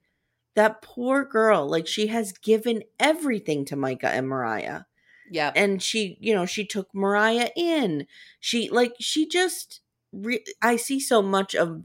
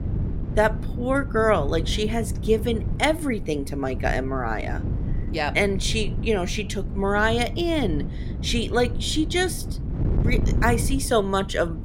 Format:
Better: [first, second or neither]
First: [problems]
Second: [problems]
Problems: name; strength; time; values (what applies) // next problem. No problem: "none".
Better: first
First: none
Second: wind noise on the microphone; occasional gusts; 15 dB below the speech